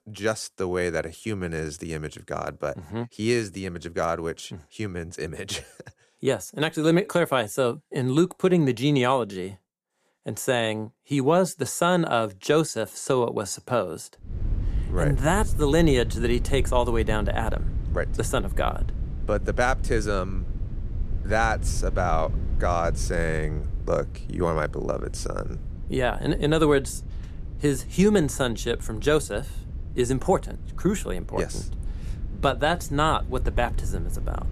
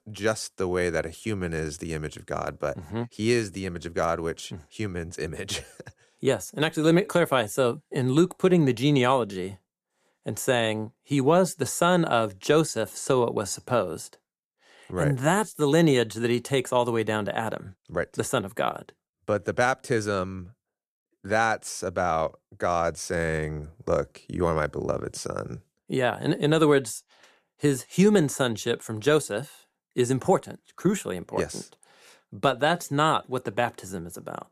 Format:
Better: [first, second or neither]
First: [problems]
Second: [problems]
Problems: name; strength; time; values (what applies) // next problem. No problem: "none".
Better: second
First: low rumble; faint; from 14 s on; 20 dB below the speech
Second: none